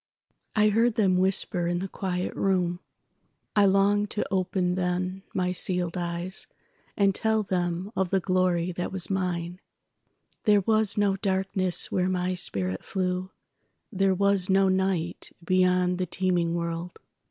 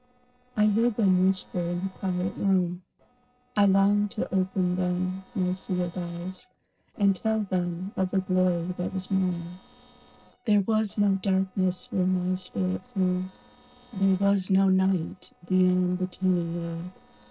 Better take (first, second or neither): first